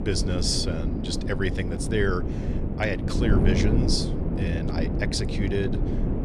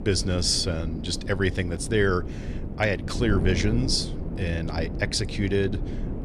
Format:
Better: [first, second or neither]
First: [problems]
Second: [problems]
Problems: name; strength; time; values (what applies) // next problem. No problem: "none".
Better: second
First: wind noise on the microphone; heavy; 4 dB below the speech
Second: wind noise on the microphone; occasional gusts; 10 dB below the speech